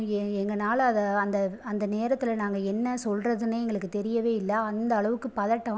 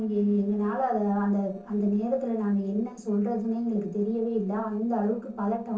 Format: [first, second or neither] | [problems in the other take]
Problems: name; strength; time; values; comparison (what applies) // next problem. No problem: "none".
first | noise reduction (neural separator model SepFormer DNS4)